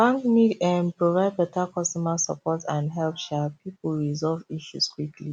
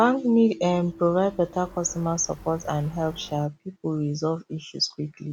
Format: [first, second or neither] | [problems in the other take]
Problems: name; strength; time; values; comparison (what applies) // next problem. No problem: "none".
first | background sound (Keyboard (musical) + Motorcycle); 20 dB below the speech